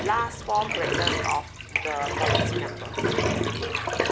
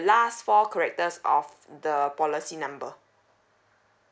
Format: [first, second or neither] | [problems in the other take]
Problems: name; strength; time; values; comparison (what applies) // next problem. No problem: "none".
second | background sound (Bathtub (filling or washing)); 4 dB above the speech